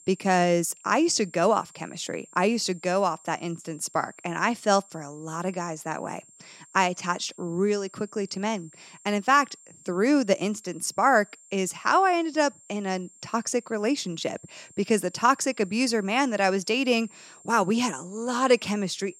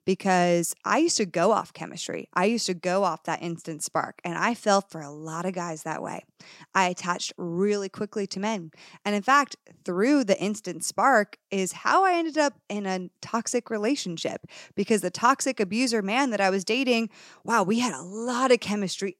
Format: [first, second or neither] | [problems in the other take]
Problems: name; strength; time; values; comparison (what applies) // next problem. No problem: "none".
second | high-pitched whine; faint; throughout; 7.5 kHz, 25 dB below the speech